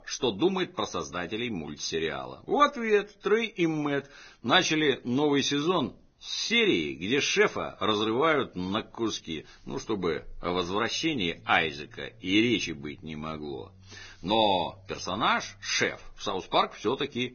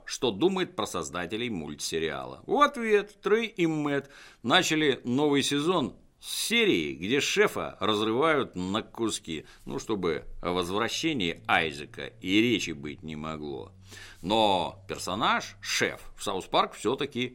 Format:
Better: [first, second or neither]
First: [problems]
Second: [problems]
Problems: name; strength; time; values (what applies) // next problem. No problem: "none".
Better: second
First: garbled, watery; badly; nothing above 6.5 kHz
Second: none